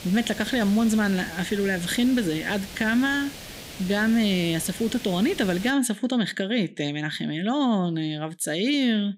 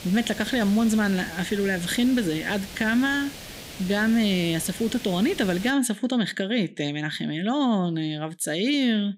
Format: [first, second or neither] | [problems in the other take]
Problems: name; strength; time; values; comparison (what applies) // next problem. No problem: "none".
neither | hiss; noticeable; until 5.5 s; 15 dB below the speech; the same in both